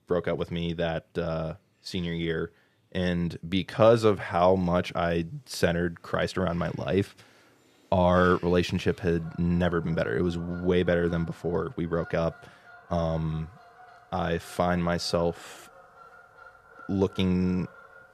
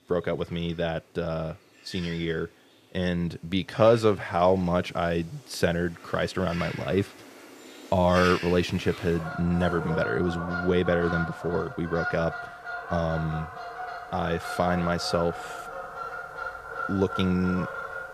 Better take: first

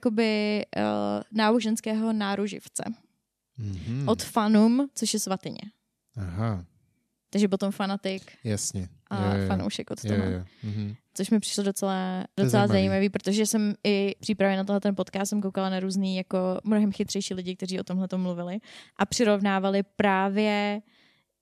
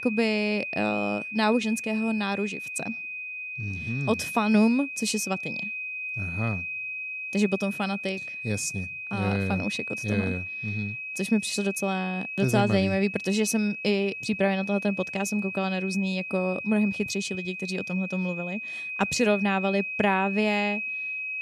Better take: first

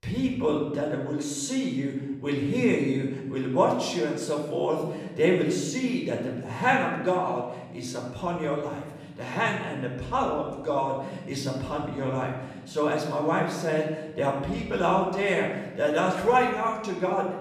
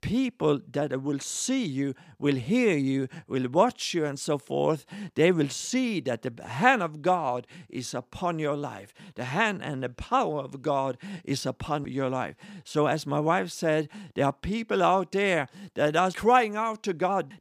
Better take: second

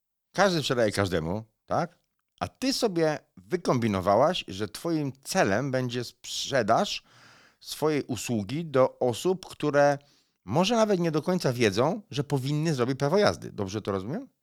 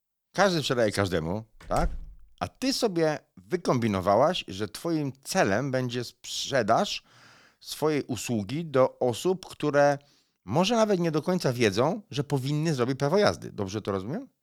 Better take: first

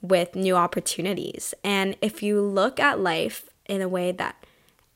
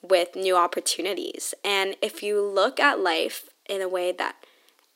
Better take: first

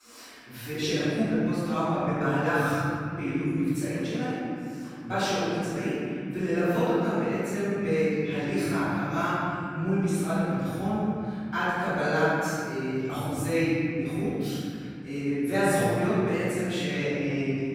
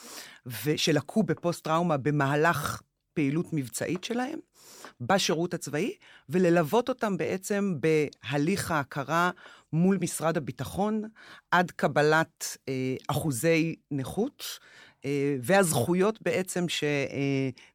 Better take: second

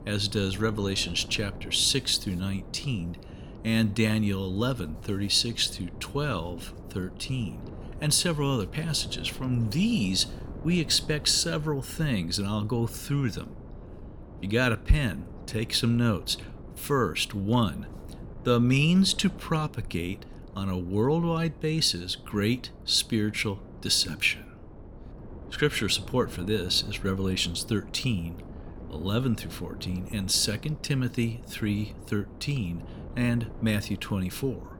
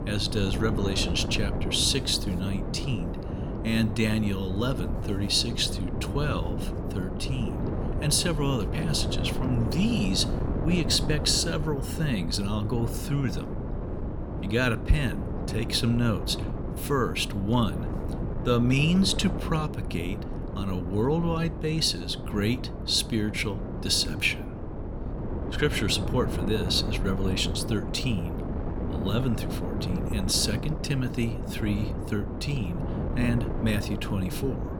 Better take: first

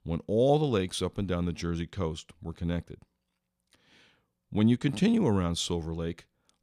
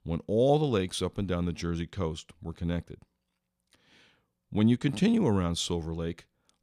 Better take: neither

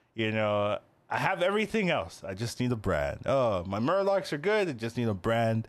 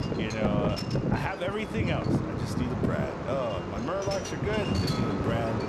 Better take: first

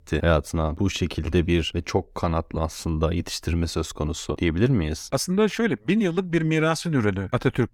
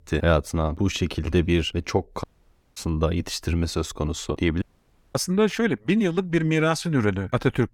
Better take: first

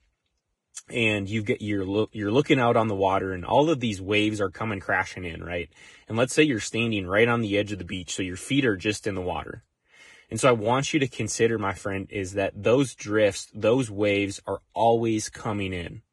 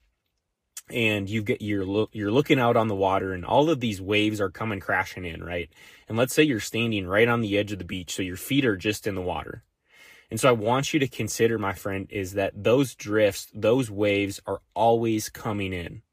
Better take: second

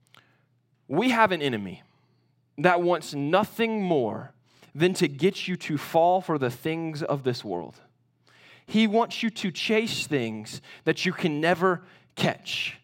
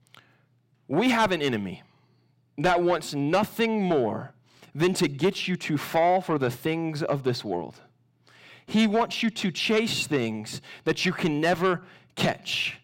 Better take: first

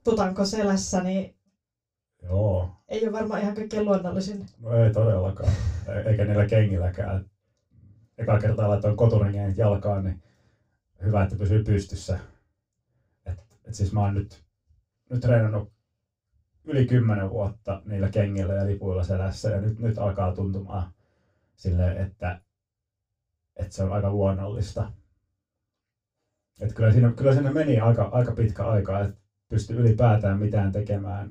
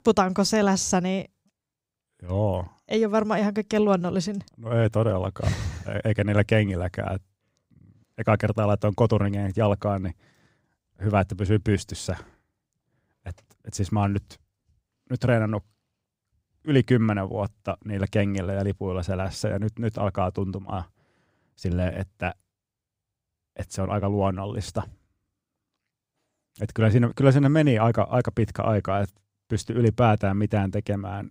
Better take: second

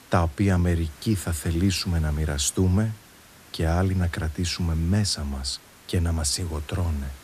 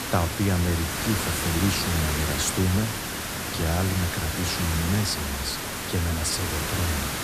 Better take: first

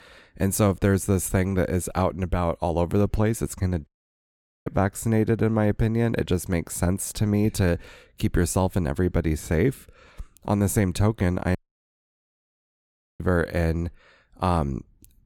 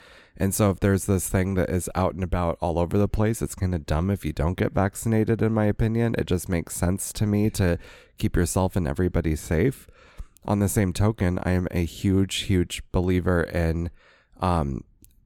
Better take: second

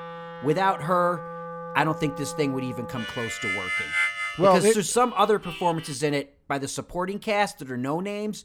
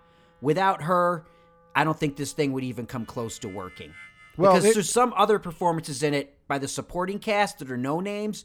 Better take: second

